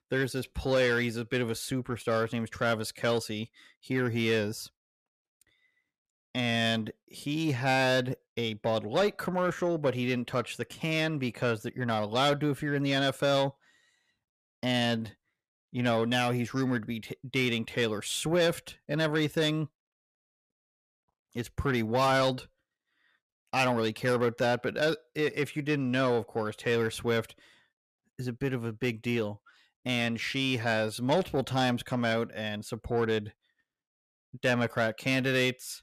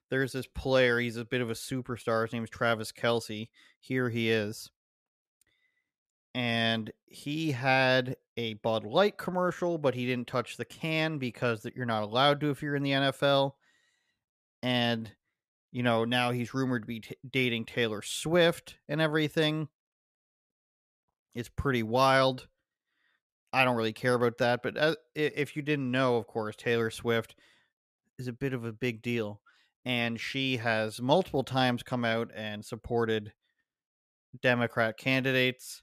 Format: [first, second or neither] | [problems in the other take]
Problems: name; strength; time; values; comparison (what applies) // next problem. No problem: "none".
second | distortion; slight; 10 dB below the speech